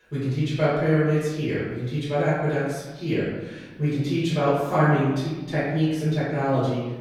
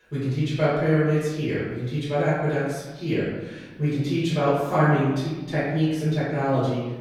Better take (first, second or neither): neither